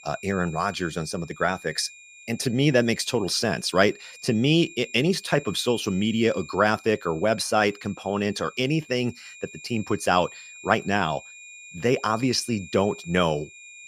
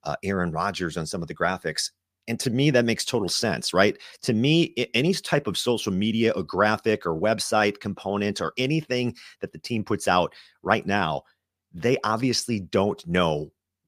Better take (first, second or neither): second